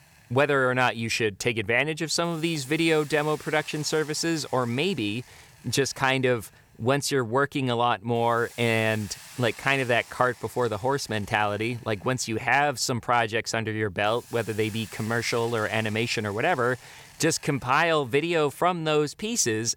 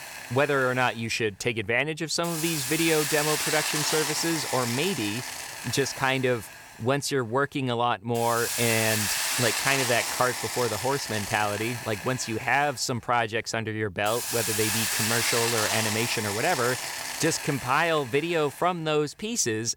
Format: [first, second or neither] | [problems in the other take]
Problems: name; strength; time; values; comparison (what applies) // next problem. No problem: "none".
first | hiss; loud; throughout; 2 dB below the speech; faint in the first